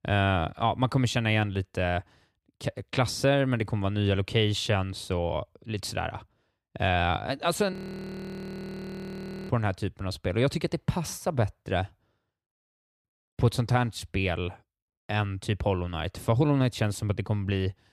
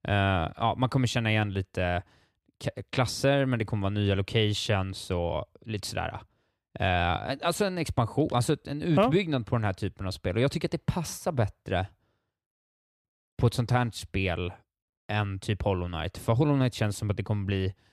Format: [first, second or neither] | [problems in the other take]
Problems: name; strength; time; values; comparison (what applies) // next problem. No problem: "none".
second | audio freezing; at 7.5 s for 2 s